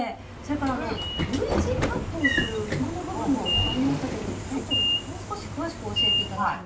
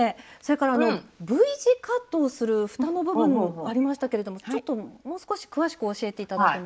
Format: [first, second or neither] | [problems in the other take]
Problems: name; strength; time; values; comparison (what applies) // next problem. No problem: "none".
second | background sound (Sliding door / Train); 2 dB above the speech // room echo; dies away in 0.3 s